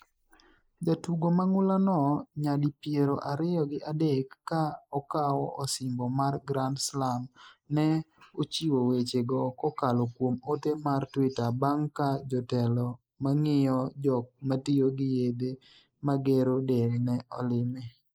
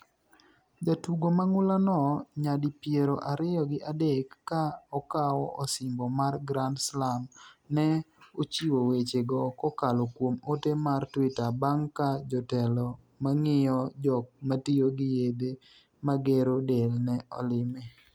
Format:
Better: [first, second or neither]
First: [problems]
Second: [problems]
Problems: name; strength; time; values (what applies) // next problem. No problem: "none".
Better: second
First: noise reduction (neural mask model Resemble Enhance denoiser)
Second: none